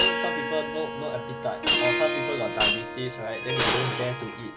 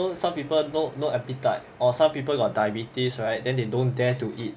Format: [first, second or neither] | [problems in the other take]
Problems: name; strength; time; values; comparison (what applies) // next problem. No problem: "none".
second | background sound (Harp + Shatter); 4 dB above the speech